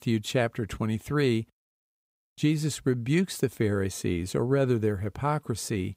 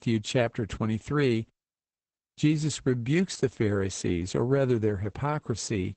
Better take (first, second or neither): first